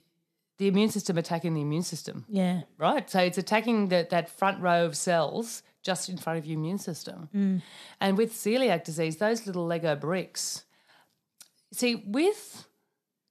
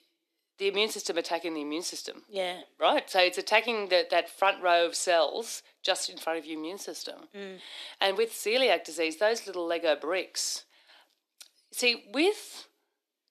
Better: first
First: none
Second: thin; very; fading below 300 Hz

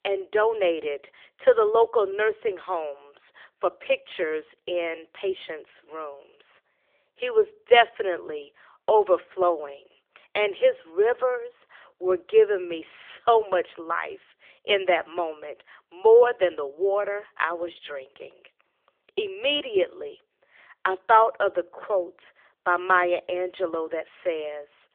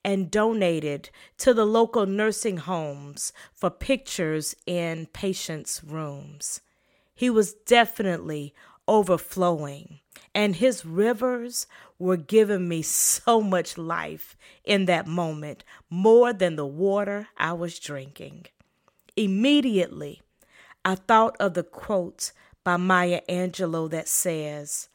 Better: second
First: phone-call audio; nothing above 3 kHz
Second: none

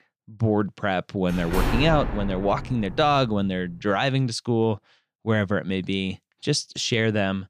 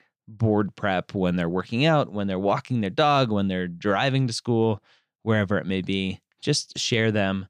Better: second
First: door banging; noticeable; from 1.5 to 3 s; peak 1 dB below the speech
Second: none

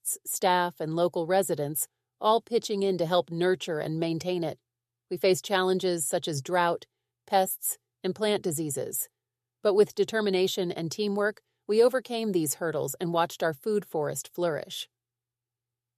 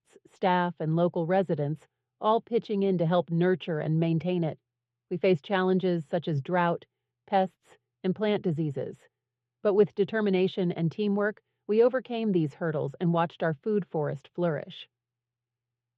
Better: first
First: none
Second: muffled; very; fading above 3 kHz

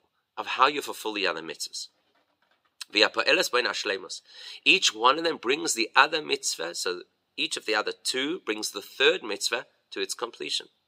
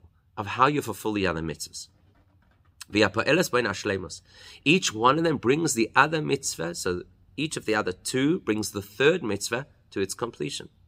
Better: second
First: thin; somewhat; fading below 500 Hz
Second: none

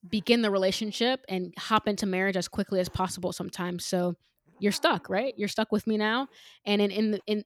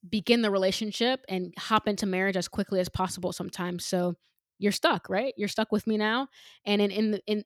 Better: second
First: hiss; faint; throughout; 30 dB below the speech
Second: none

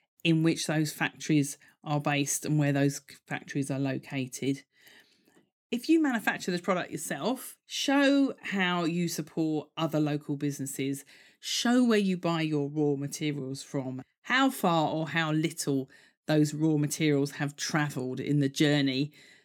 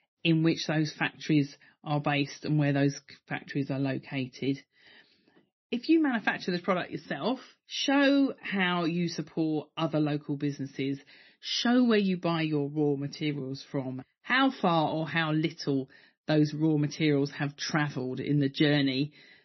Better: first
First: none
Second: garbled, watery; slightly; nothing above 6 kHz

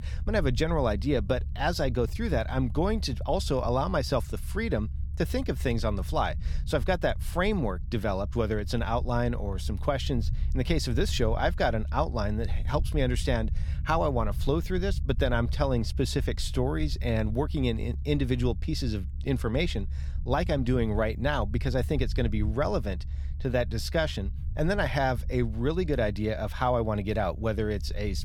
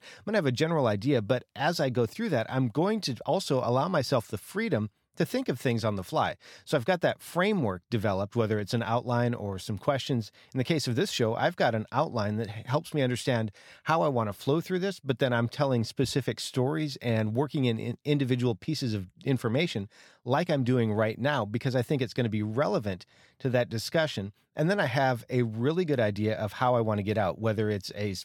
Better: second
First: low rumble; faint; throughout; 20 dB below the speech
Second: none

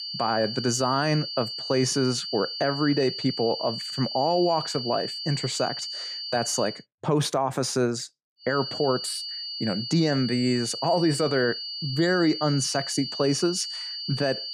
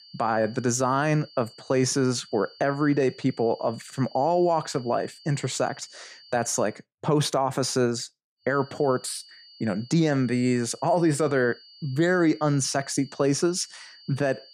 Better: second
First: high-pitched whine; loud; until 6.5 s and from 8.5 s on; 4.5 kHz, 5 dB below the speech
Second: high-pitched whine; faint; until 6.5 s and from 8.5 s on; 4.5 kHz, 25 dB below the speech

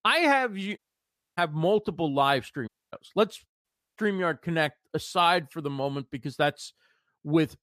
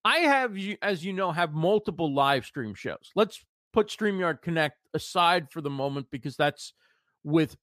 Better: second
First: audio cutting out; at 1 s for 0.5 s, at 2.5 s and at 3.5 s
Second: none

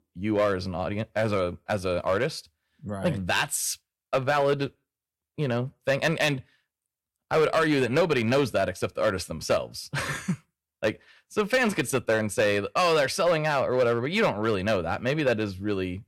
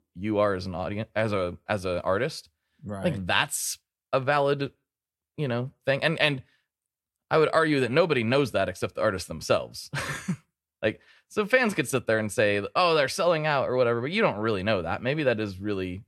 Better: second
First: distortion; slight; 4% of the sound clipped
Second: none

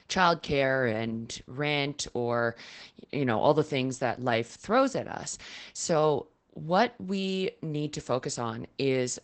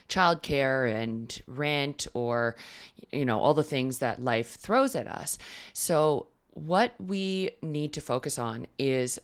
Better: second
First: garbled, watery; badly; nothing above 8 kHz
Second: garbled, watery; slightly

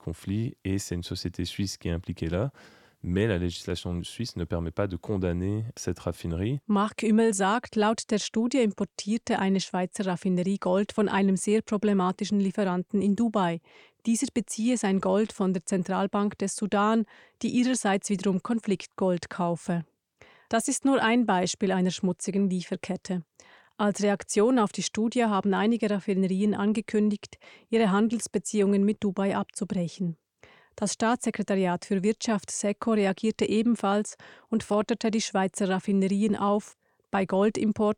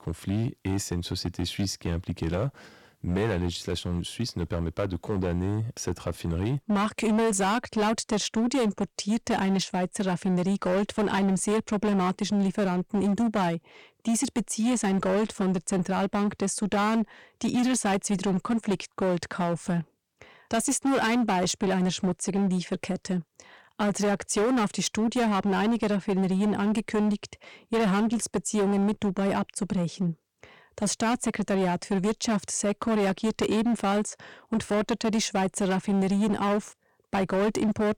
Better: first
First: none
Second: distortion; slight; 17% of the sound clipped

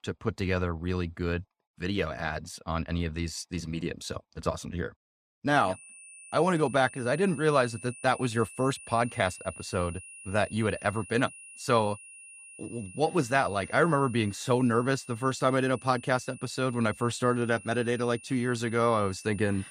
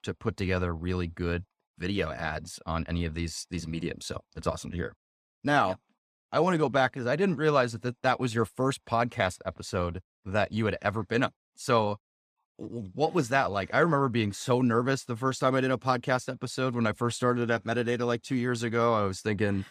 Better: second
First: high-pitched whine; noticeable; from 5.5 s on; 9.5 kHz, 15 dB below the speech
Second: none

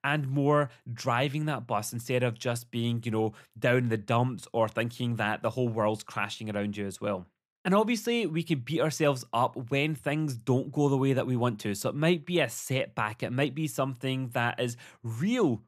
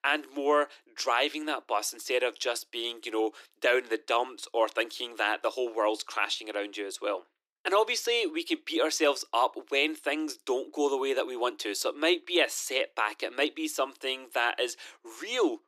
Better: first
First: none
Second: thin; very; fading below 300 Hz

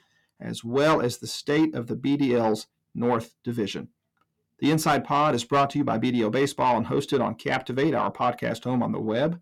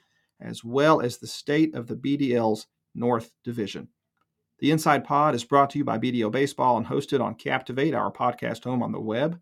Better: second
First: distortion; slight; 10 dB below the speech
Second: none

